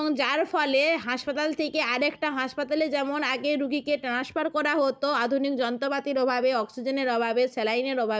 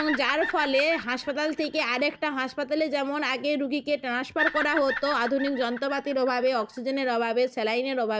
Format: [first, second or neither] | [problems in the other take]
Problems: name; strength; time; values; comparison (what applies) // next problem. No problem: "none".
first | background sound (Bird vocalization, bird call, bird song); 11 dB below the speech